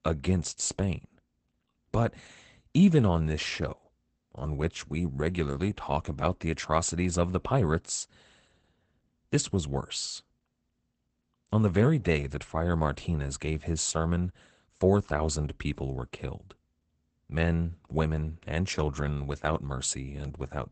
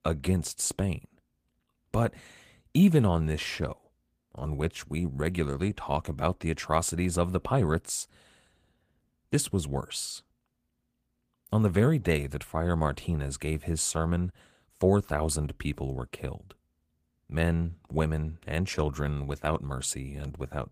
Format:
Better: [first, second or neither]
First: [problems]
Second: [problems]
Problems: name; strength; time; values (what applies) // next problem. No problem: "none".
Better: second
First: garbled, watery; badly; nothing above 8 kHz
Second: garbled, watery; slightly; nothing above 15 kHz